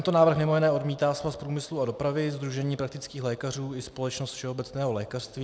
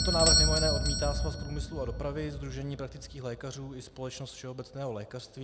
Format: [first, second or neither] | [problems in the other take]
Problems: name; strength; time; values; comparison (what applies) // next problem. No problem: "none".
first | background sound (Bell / Doorbell + Boom); 3 dB above the speech